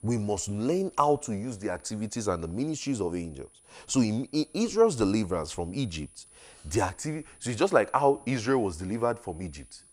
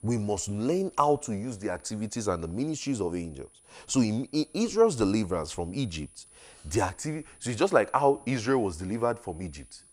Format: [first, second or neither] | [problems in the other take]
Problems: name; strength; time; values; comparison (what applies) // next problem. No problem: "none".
neither | high-pitched whine; faint; throughout; 10 kHz, 25 dB below the speech; the same in both